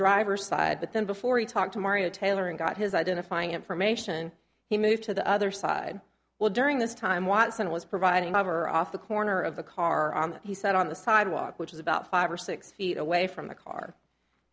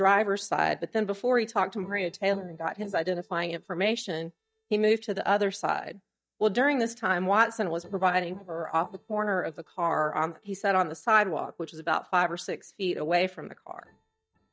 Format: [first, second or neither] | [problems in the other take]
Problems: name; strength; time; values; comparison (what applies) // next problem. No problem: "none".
first | noise reduction (neural mask model DeepFilterNet 3)